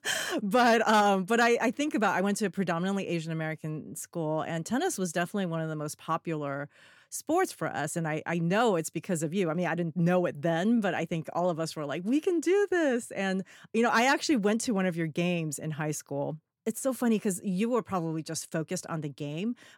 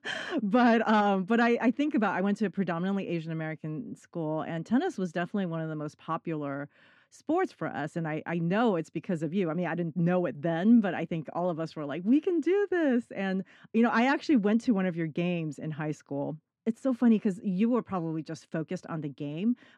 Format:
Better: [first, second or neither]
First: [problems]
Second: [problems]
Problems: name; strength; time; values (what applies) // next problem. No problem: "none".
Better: first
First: none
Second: muffled; slightly; fading above 3.5 kHz